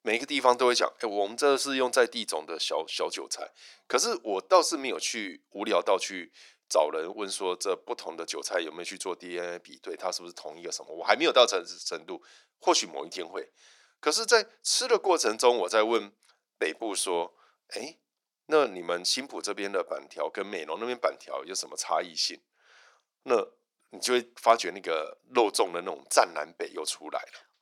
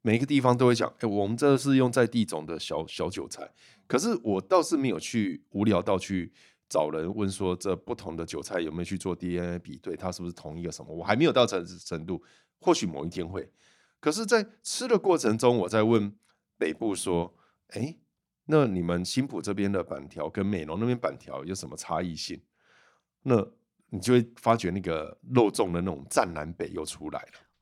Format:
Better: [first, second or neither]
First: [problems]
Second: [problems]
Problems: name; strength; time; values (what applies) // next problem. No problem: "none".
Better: second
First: thin; very; fading below 450 Hz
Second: none